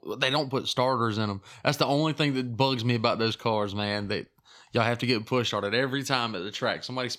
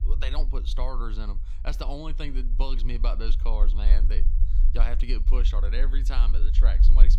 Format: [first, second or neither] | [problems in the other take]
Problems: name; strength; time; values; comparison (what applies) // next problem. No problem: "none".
first | low rumble; noticeable; throughout; 10 dB below the speech